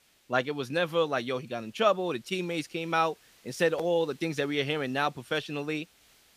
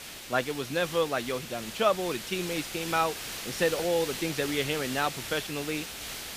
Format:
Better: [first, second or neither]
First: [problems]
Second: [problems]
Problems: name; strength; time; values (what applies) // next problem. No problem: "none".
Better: first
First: hiss; faint; throughout; 30 dB below the speech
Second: hiss; loud; throughout; 7 dB below the speech